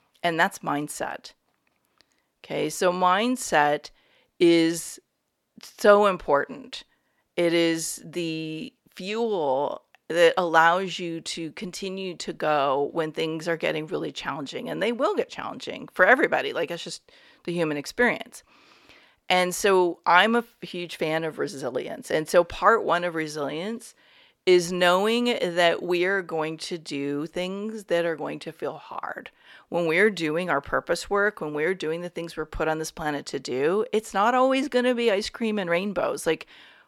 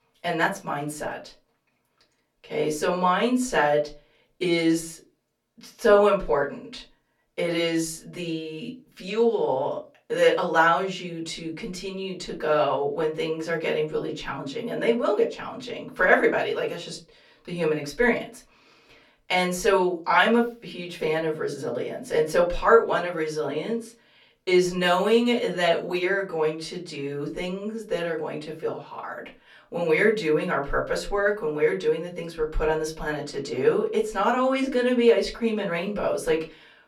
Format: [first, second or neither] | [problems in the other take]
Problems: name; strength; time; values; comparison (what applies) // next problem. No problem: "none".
first | off-mic speech; far // room echo; very slight; dies away in 0.3 s